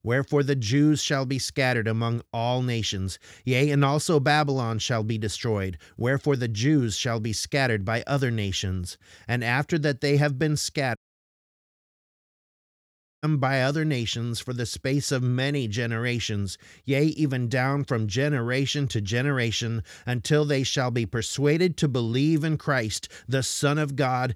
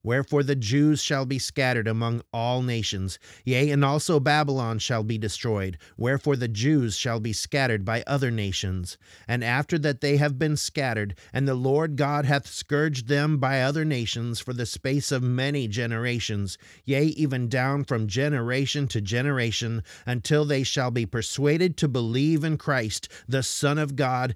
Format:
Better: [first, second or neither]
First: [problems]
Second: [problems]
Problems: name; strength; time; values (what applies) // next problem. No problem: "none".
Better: second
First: audio cutting out; at 11 s for 2.5 s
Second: none